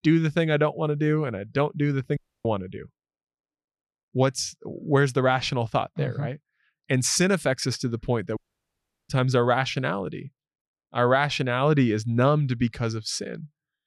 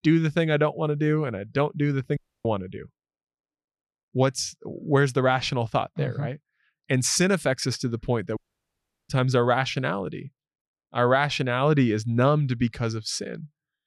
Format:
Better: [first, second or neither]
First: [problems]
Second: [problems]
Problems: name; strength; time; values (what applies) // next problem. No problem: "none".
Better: neither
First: audio cutting out; at 2 s and at 8.5 s for 0.5 s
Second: audio cutting out; at 2 s and at 8.5 s for 0.5 s